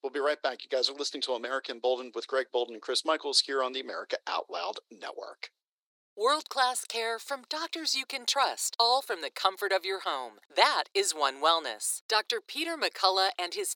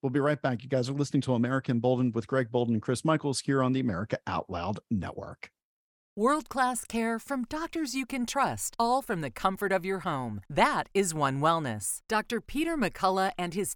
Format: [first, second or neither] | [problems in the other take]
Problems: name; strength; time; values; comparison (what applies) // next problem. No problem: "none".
second | thin; very; fading below 350 Hz